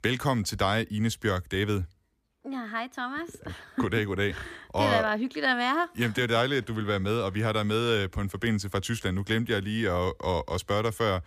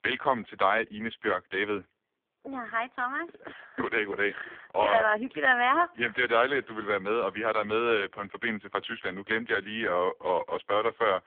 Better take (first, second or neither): first